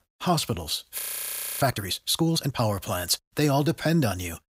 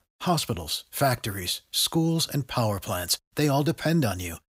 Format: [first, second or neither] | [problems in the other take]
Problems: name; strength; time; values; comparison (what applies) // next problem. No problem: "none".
second | audio freezing; at 1 s for 0.5 s